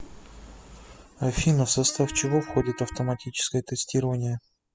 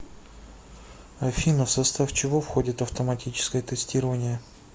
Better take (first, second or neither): second